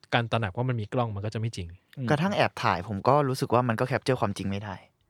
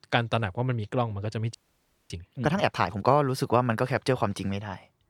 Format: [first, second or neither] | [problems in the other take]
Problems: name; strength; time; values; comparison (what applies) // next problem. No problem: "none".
first | audio freezing; at 1.5 s for 0.5 s